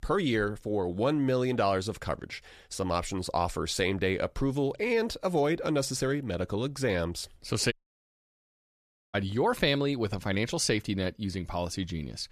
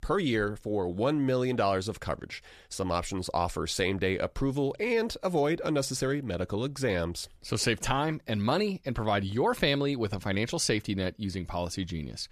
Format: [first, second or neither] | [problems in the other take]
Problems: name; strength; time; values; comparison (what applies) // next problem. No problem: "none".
second | audio cutting out; at 7.5 s for 1.5 s